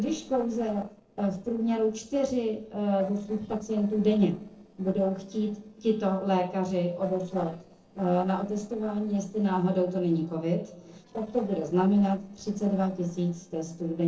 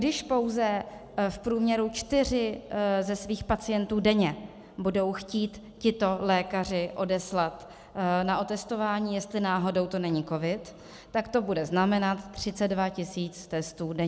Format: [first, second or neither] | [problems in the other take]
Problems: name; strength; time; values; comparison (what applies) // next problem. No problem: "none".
second | noise reduction (neural separator model SepFormer DNS4)